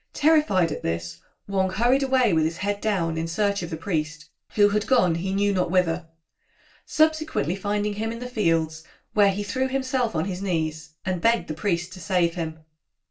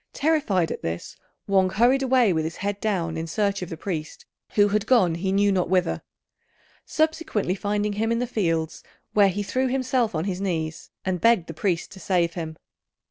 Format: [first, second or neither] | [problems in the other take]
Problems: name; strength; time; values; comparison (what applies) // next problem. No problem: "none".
second | room echo; dies away in 0.2 s